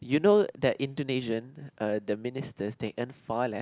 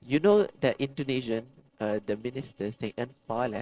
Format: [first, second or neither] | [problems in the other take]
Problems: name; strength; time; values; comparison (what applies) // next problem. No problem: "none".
first | noise reduction (neural separator model SepFormer DNS4)